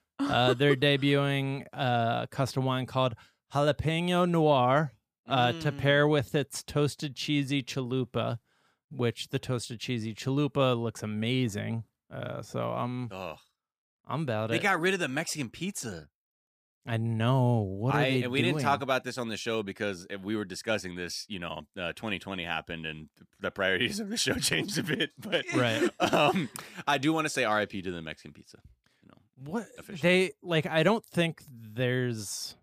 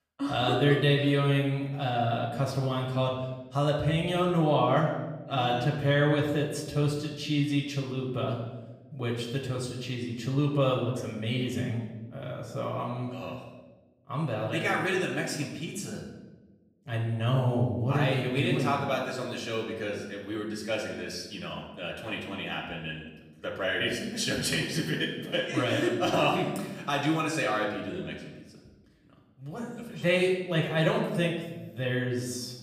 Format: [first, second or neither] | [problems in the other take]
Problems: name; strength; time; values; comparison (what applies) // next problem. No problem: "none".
first | room echo; noticeable; dies away in 0.9 s // off-mic speech; far